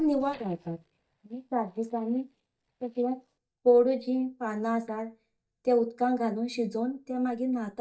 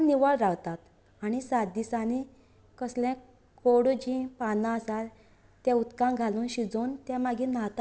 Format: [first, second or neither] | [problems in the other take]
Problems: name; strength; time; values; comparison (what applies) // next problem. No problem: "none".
second | noise reduction (neural mask model DeepFilterNet 3)